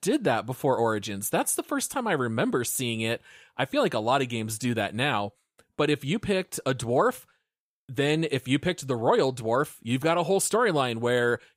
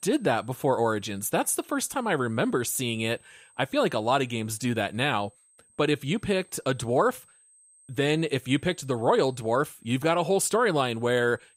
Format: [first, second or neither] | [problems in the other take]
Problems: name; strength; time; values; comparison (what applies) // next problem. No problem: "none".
first | high-pitched whine; faint; throughout; 8.5 kHz, 30 dB below the speech